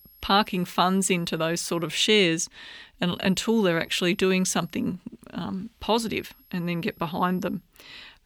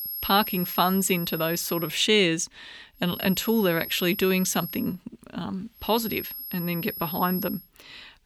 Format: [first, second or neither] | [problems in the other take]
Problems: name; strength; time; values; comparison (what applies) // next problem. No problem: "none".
first | high-pitched whine; loud; until 2 s, from 3 to 5 s and from 6 to 7.5 s; 11.5 kHz, 8 dB below the speech; faint in the first